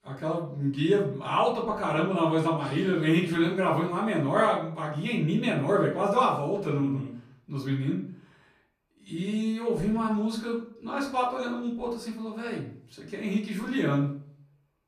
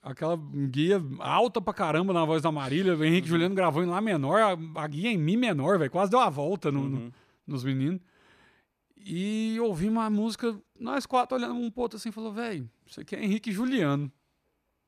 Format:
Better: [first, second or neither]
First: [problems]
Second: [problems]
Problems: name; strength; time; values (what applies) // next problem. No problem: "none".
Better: second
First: off-mic speech; far // room echo; slight; dies away in 0.4 s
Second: none